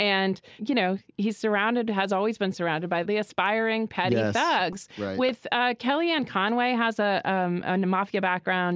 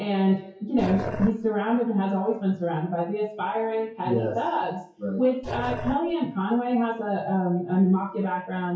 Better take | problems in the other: first | noise reduction (classical method WPE with log-MMSE)

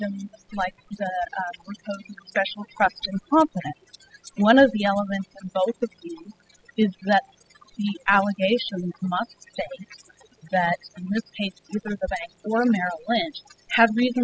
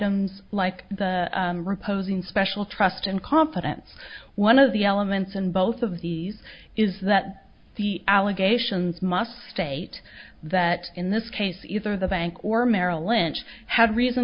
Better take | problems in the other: second | noise reduction (classical method spectral subtraction)

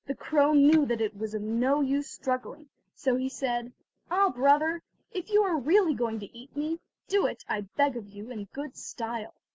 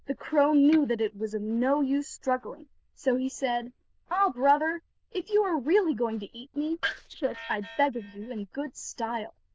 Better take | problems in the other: first | noise reduction (neural diffusion model UNIVERSE++)

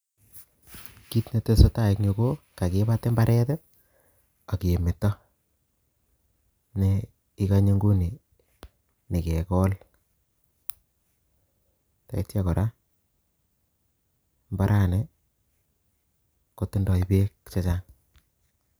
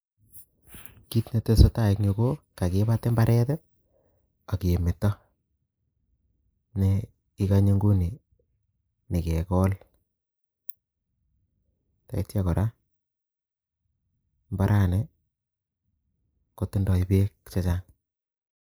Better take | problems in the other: first | noise reduction (neural mask model Resemble Enhance denoiser)

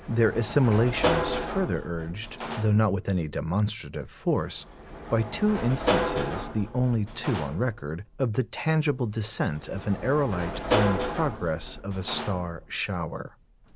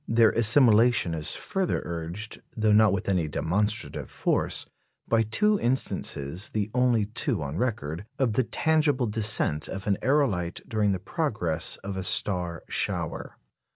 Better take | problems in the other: second | background sound (Sliding door / Slam); 6 dB below the speech

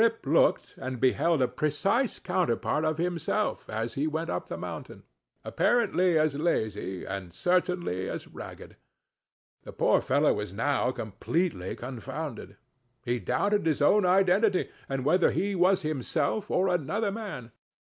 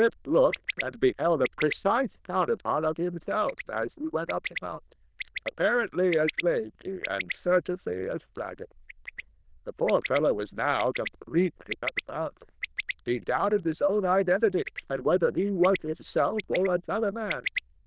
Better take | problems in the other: first | noise reduction (neural diffusion model UNIVERSE++)

